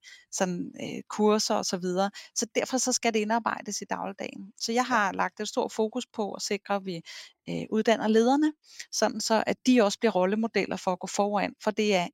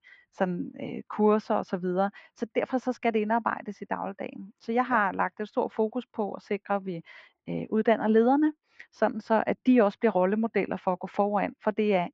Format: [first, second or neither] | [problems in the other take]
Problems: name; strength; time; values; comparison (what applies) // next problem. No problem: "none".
first | muffled; very; fading above 2 kHz